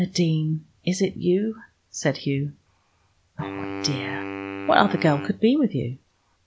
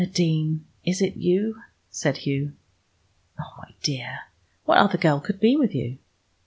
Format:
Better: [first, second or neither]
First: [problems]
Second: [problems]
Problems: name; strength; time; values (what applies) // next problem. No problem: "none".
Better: second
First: background sound (Wind instrument, woodwind instrument); 10 dB below the speech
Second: none